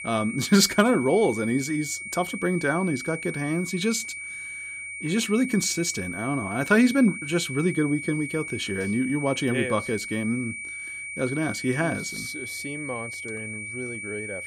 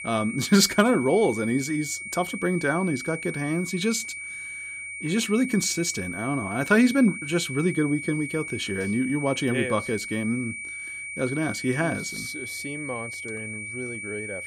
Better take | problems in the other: neither | high-pitched whine; loud; throughout; 2.5 kHz, 8 dB below the speech; the same in both

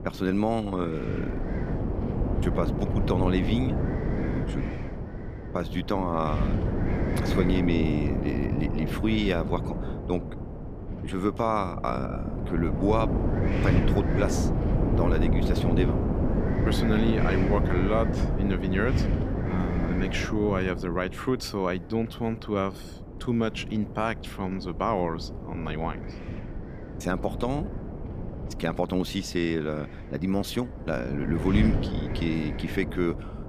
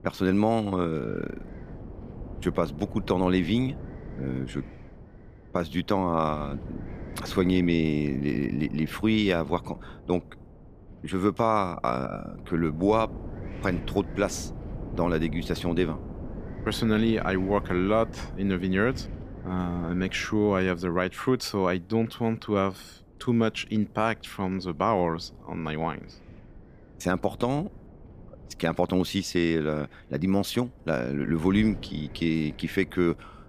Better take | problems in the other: second | wind noise on the microphone; heavy; 4 dB below the speech; occasional gusts in the second

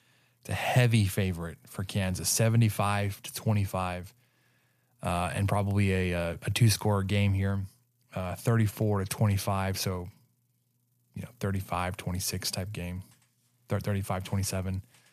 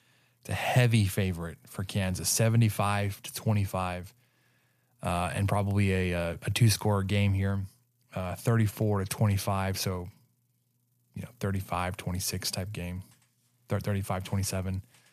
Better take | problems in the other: neither | none

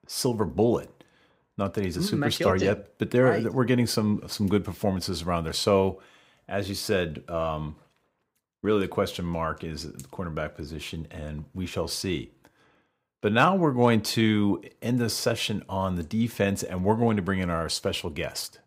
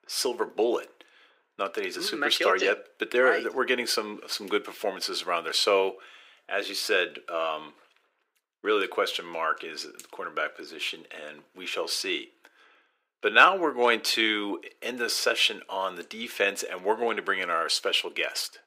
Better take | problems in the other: first | thin; very; fading below 350 Hz

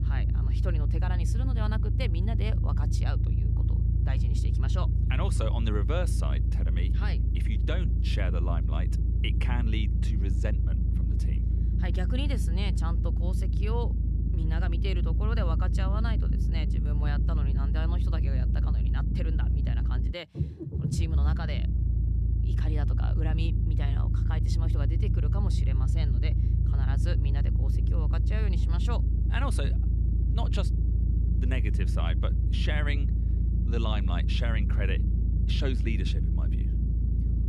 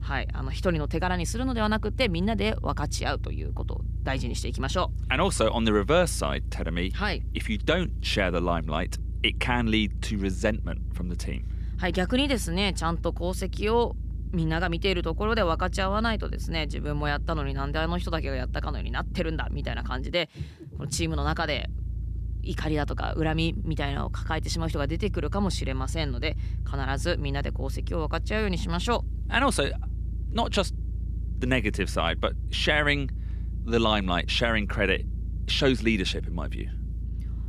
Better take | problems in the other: second | low rumble; loud; throughout; 4 dB below the speech; faint in the second

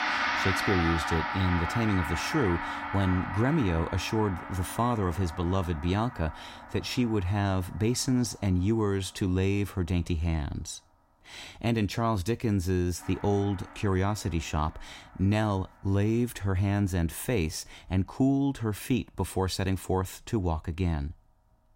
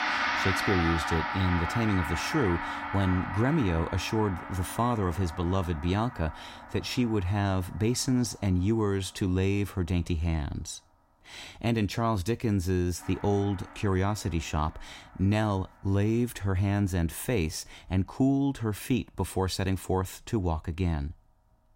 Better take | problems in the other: neither | background music; loud; throughout; 5 dB below the speech; the same in both

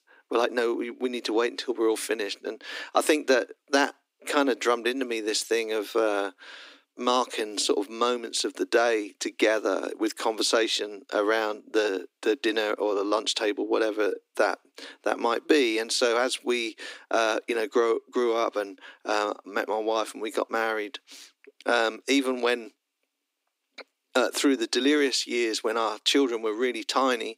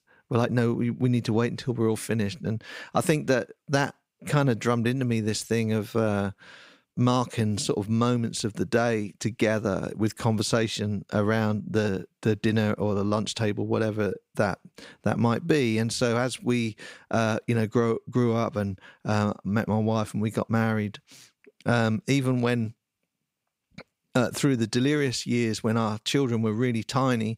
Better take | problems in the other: second | thin; somewhat; fading below 250 Hz

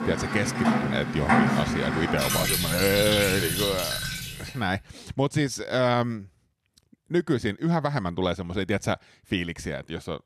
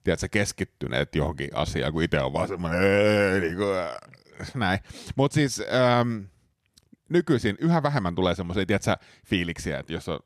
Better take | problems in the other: second | rain or running water; very loud; until 4 s; 2 dB above the speech

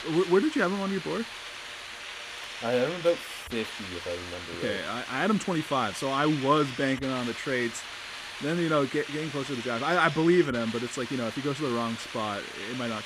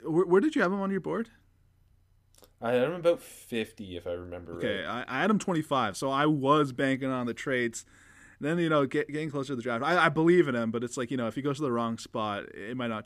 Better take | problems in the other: second | hiss; loud; throughout; 9 dB below the speech

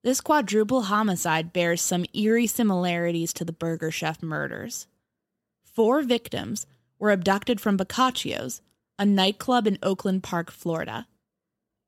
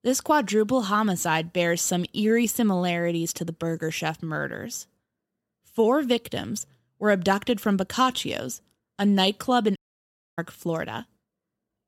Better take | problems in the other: first | audio cutting out; at 10 s for 0.5 s

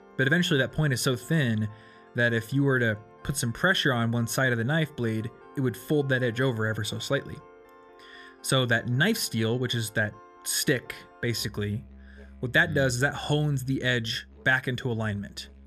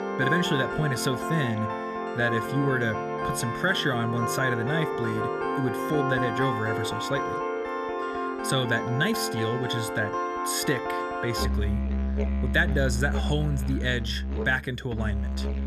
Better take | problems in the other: first | background music; loud; throughout; 2 dB below the speech; faint in the first

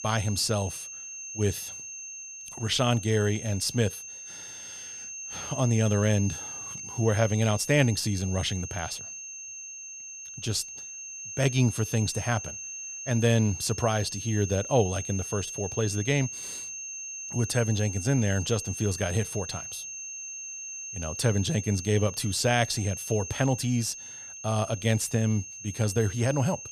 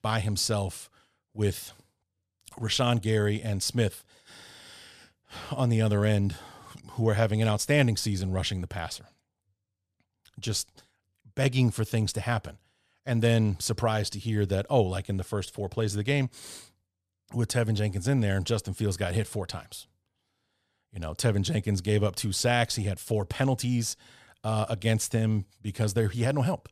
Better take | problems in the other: second | high-pitched whine; loud; throughout; 6.5 kHz, 9 dB below the speech

